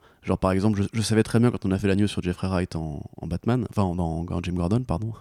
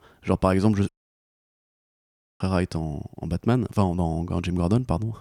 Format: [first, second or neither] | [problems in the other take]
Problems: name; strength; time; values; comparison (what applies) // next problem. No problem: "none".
first | audio cutting out; at 1 s for 1.5 s